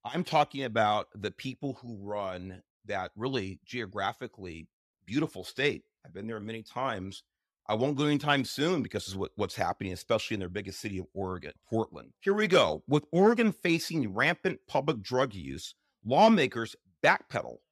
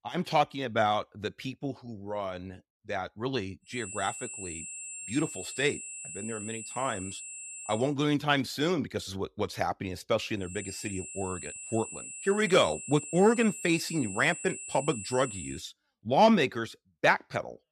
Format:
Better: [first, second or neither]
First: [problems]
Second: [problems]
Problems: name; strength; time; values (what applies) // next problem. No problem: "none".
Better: first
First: none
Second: high-pitched whine; loud; from 4 to 8 s and from 10 to 16 s; 7.5 kHz, 9 dB below the speech